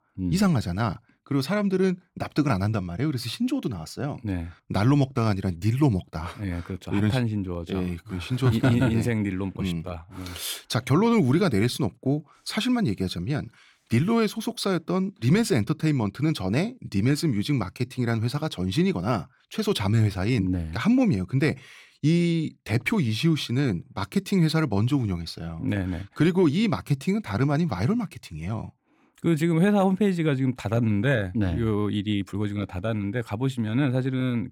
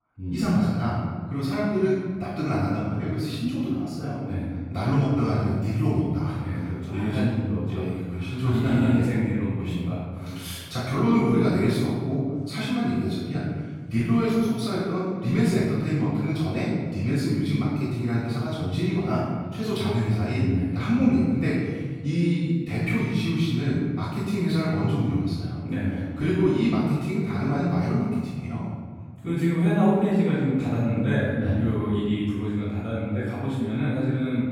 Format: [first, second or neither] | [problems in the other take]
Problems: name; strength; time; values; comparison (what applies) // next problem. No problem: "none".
first | off-mic speech; far // room echo; strong; dies away in 1.9 s